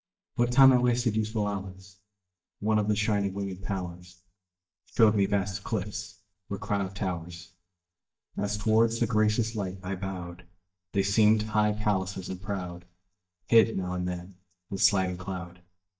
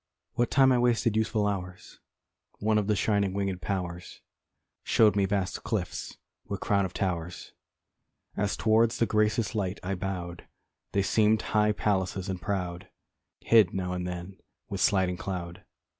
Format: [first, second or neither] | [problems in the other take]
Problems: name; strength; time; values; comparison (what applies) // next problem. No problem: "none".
second | noise reduction (neural mask model DeepFilterNet 3)